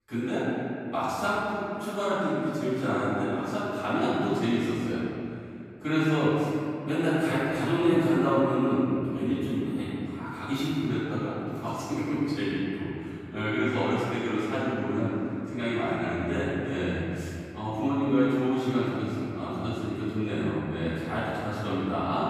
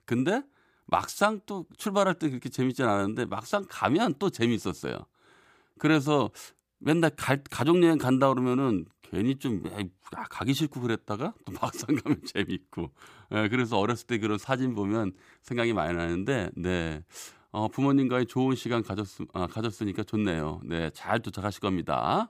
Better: second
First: room echo; strong; dies away in 2.7 s // off-mic speech; far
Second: none

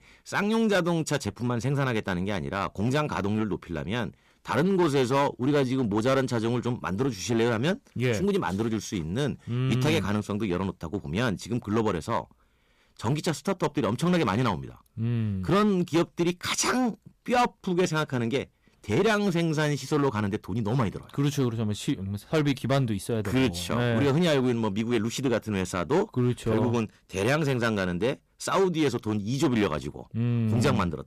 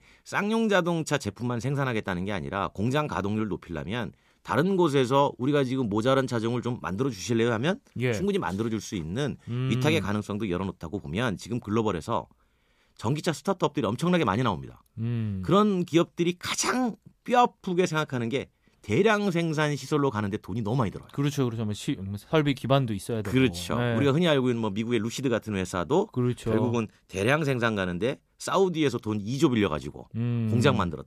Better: second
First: distortion; slight; 6% of the sound clipped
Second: none

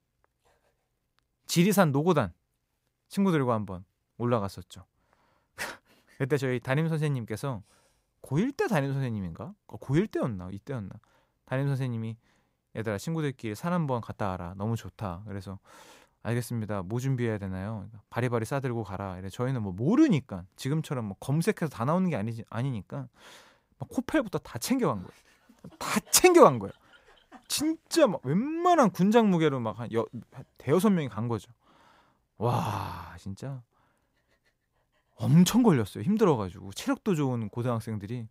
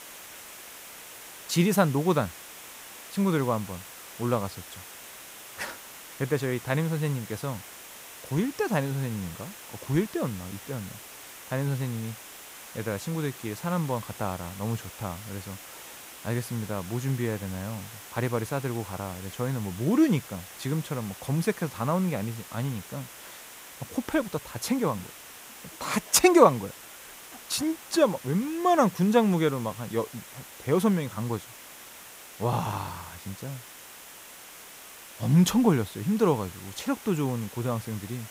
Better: first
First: none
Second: hiss; noticeable; throughout; 15 dB below the speech

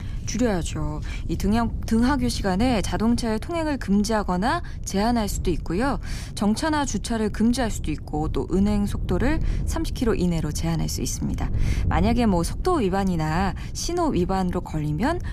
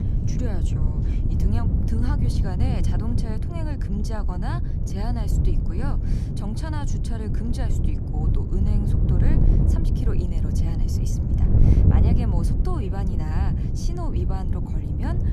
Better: first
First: wind noise on the microphone; occasional gusts; 20 dB below the speech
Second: wind noise on the microphone; heavy; 2 dB above the speech

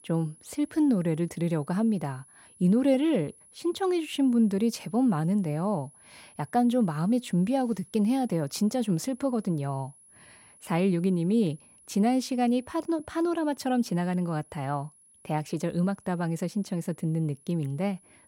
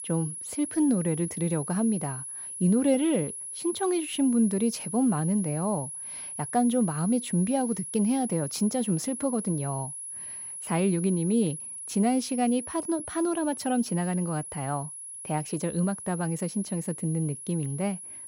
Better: first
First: high-pitched whine; faint; throughout; 10.5 kHz, 25 dB below the speech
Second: high-pitched whine; loud; throughout; 10.5 kHz, 8 dB below the speech

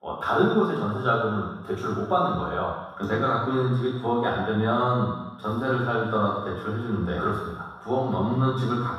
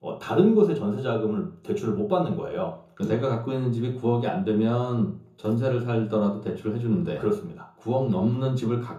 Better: second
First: room echo; strong; dies away in 1.2 s // off-mic speech; far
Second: room echo; slight; dies away in 0.5 s // off-mic speech; far

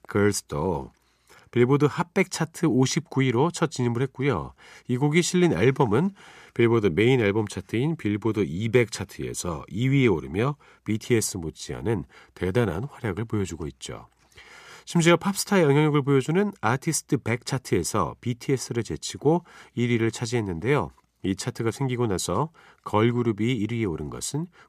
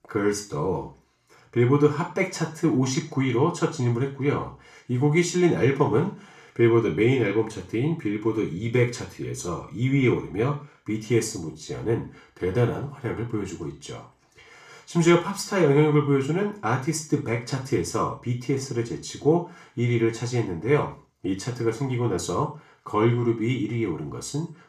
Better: first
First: none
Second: room echo; slight; dies away in 0.4 s // off-mic speech; far

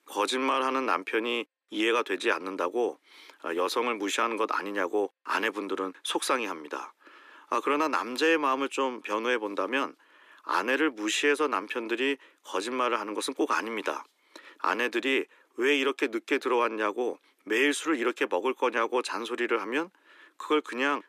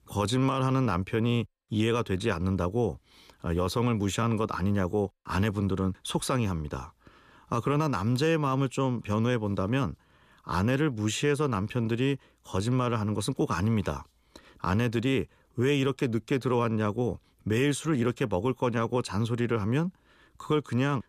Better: second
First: thin; somewhat; fading below 300 Hz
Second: none

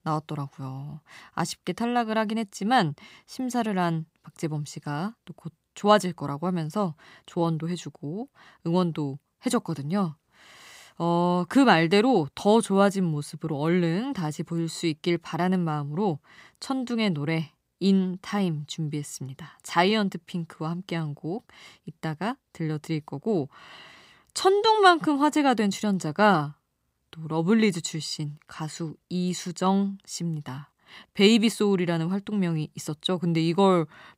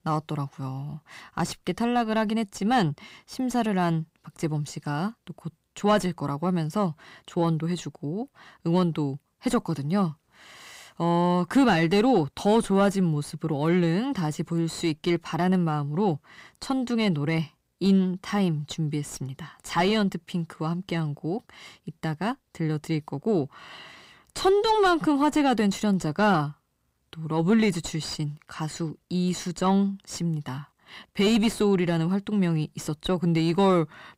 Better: first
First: none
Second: distortion; slight; 10 dB below the speech

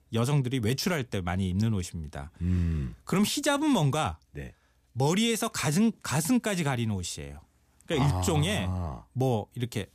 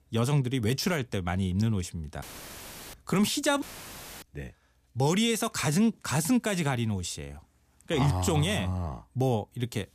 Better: first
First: none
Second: audio cutting out; filled with static; at 2 s for 0.5 s and at 3.5 s for 0.5 s

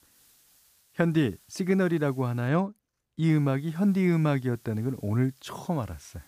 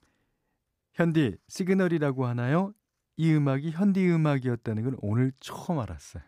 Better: second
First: hiss; faint; until 2.5 s and from 3.5 s on; 30 dB below the speech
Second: none

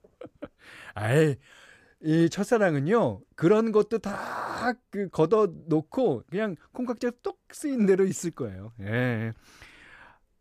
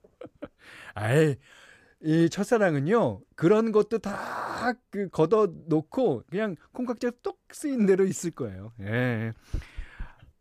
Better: first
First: none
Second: dog barking; faint; at 9.5 s; peak 15 dB below the speech

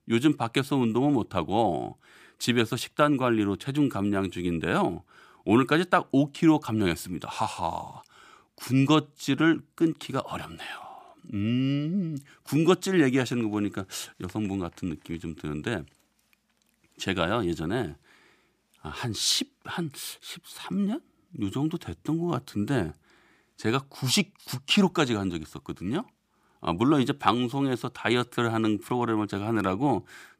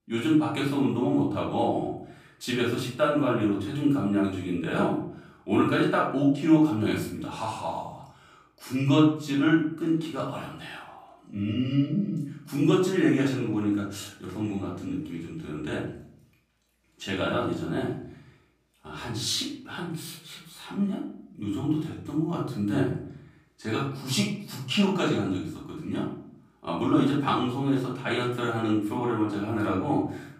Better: first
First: none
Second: off-mic speech; far // room echo; noticeable; dies away in 0.5 s

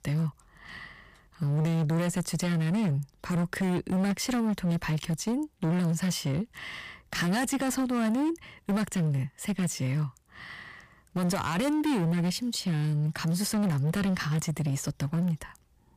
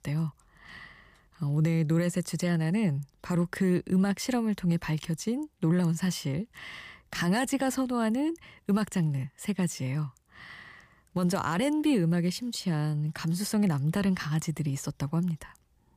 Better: second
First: distortion; slight; 20% of the sound clipped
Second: none

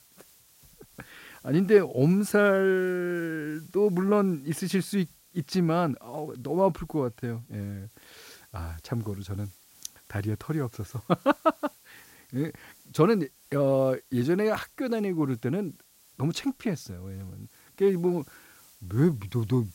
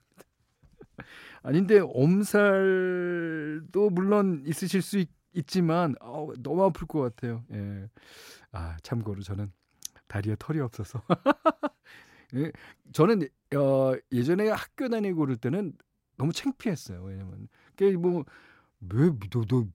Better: second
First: hiss; faint; throughout; 25 dB below the speech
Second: none

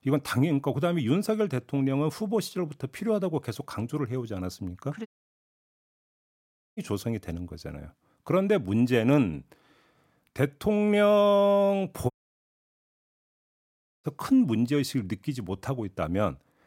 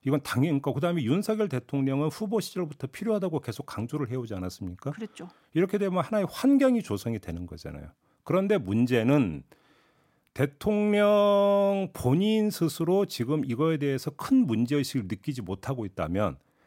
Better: second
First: audio cutting out; at 5 s for 1.5 s and at 12 s for 2 s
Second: none

